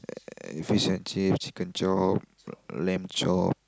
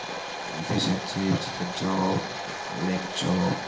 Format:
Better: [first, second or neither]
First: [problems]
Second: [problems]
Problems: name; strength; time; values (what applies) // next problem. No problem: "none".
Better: first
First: none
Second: background sound (Domestic sounds, home sounds); 6 dB below the speech // room echo; dies away in 1 s